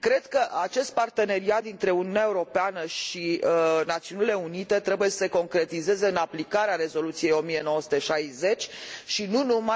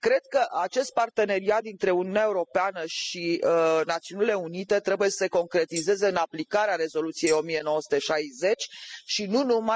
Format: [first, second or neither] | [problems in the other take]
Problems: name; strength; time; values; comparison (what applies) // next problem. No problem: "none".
first | noise reduction (classical method spectral subtraction)